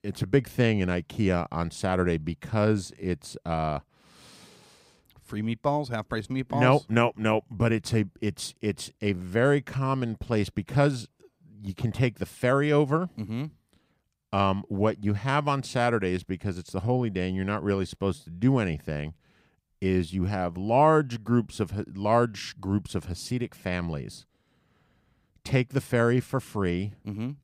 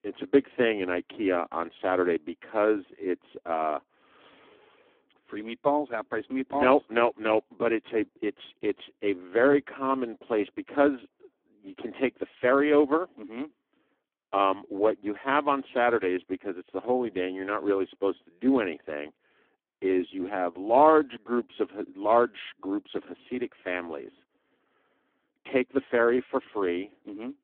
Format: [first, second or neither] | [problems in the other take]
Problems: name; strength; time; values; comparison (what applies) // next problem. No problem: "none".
first | phone-call audio; poor line